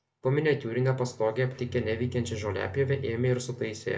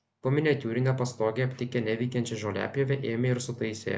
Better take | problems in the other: second | background sound (Bowed string instrument); 13 dB below the speech // room echo; dies away in 1.1 s

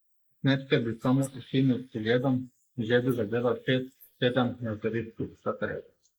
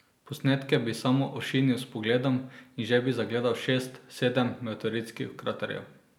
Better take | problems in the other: second | noise reduction (neural mask model Resemble Enhance denoiser)

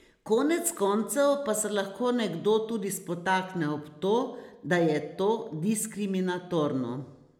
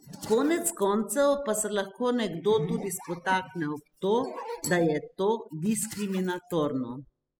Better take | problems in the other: first | noise reduction (classical method spectral subtraction)

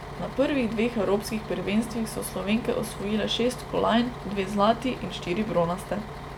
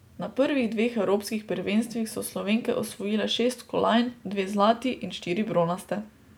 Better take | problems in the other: second | background sound (Bus); 11 dB below the speech

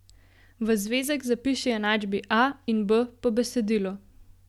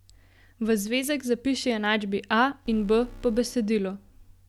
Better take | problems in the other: first | background sound (Alarm); 18 dB below the speech

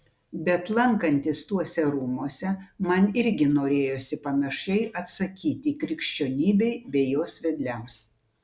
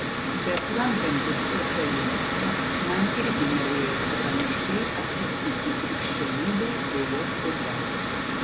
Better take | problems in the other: first | background sound (Mechanical fan); 3 dB above the speech

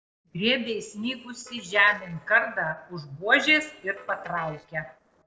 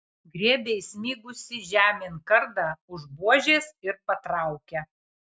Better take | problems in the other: second | noise reduction (neural separator model SepFormer DNS4)

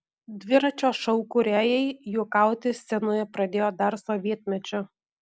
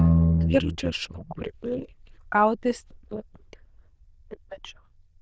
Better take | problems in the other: first | noise reduction (neural diffusion model UNIVERSE++)

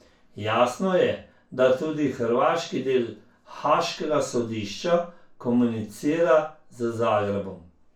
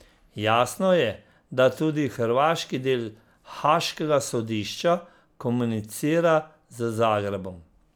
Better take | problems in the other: second | room echo; dies away in 0.2 s

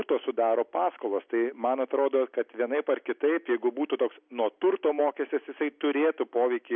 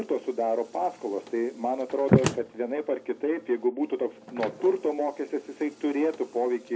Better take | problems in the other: first | background sound (Slam); 6 dB below the speech // room echo; dies away in 0.4 s

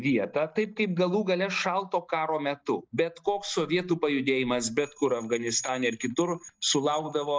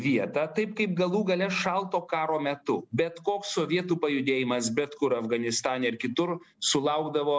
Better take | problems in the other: second | noise reduction (neural mask model DeepFilterNet 3)

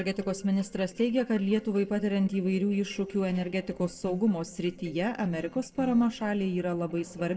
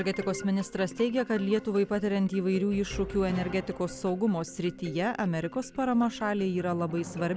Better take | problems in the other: second | noise reduction (neural separator model SepFormer DNS4)

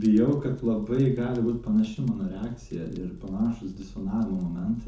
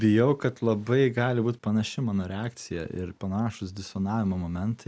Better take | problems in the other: second | background sound (Fire); 19 dB below the speech // room echo; dies away in 0.7 s

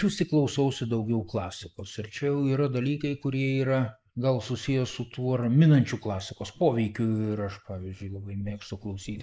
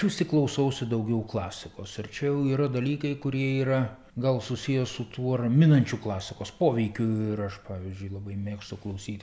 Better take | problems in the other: second | noise reduction (neural mask model Resemble Enhance denoiser)

